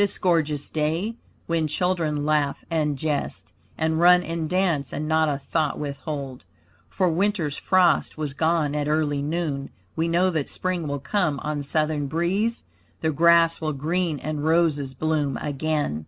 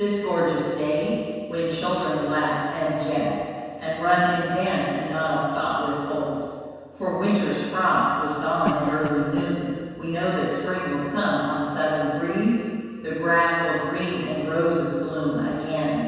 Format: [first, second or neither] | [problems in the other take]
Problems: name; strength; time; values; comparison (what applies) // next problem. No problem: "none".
first | background sound (Cough); 12 dB below the speech // room echo; dies away in 1.9 s